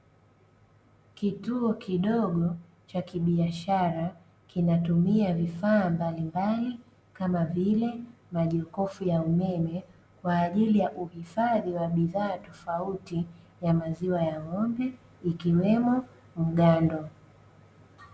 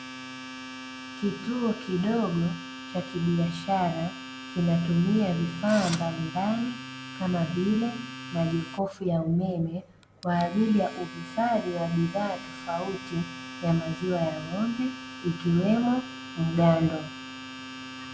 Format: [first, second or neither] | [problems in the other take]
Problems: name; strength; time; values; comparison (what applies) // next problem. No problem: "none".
first | background sound (Engine / Drill + Domestic sounds, home sounds); 12 dB below the speech